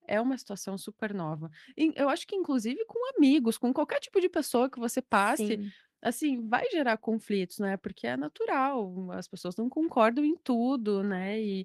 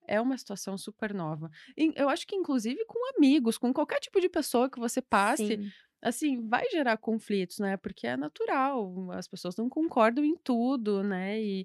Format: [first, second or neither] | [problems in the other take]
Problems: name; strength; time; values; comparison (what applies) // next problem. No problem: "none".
second | garbled, watery; slightly